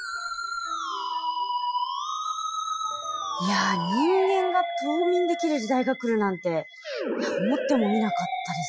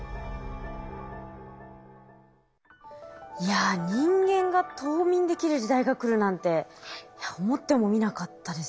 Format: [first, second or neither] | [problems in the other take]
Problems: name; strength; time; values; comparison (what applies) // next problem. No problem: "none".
second | noise reduction (classical method Wiener filter)